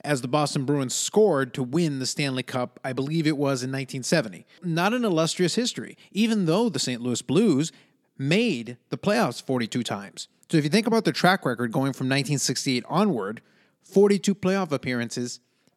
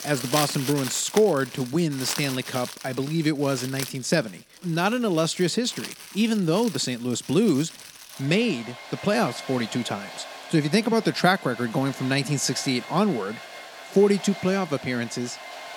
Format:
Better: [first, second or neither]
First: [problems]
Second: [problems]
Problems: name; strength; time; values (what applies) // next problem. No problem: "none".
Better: first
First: none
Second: household noises; noticeable; throughout; 10 dB below the speech